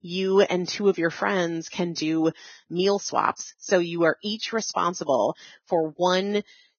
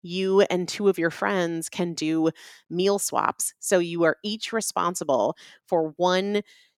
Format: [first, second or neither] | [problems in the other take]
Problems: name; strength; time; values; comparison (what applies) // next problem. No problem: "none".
second | garbled, watery; badly; nothing above 6.5 kHz